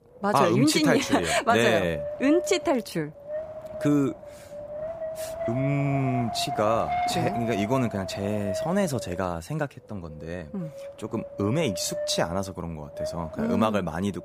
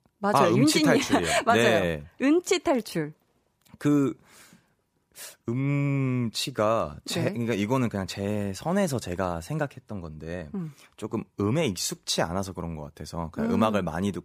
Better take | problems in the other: second | wind noise on the microphone; heavy; 6 dB below the speech

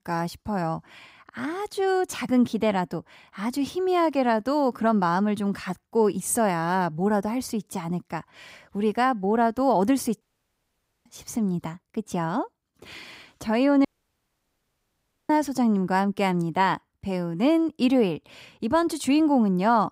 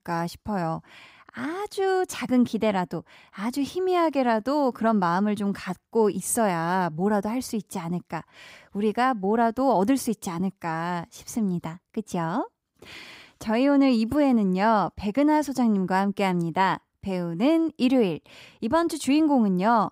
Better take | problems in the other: second | audio cutting out; at 10 s for 1 s and at 14 s for 1.5 s

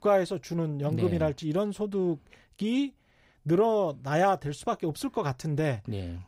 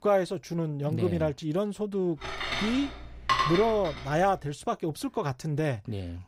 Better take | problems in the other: first | clattering dishes; loud; from 2 to 4 s; peak 3 dB above the speech

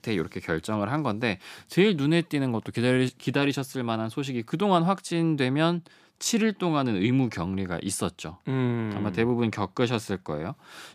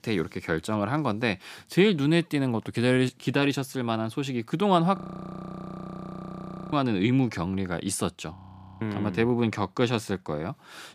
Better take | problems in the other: first | audio freezing; at 5 s for 2 s and at 8.5 s

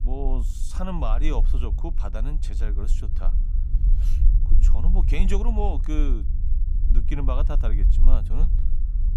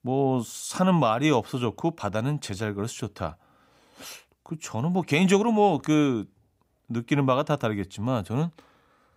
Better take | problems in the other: second | low rumble; noticeable; throughout; 10 dB below the speech

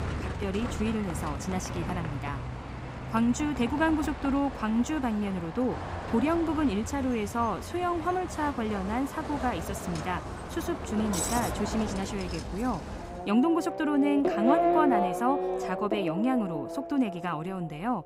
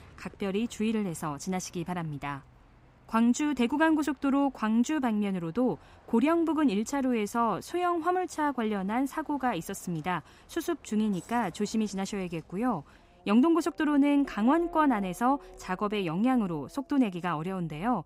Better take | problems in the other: second | traffic noise; loud; throughout; 4 dB below the speech; faint in the second

